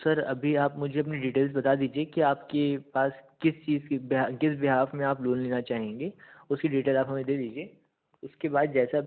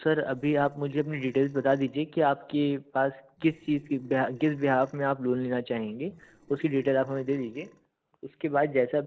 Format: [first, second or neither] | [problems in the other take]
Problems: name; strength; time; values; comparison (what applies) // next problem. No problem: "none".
first | noise reduction (neural separator model SepFormer DNS4)